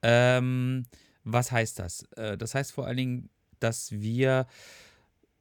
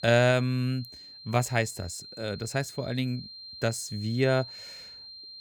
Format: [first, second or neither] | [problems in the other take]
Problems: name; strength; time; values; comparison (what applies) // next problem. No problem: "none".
first | high-pitched whine; noticeable; throughout; 4 kHz, 15 dB below the speech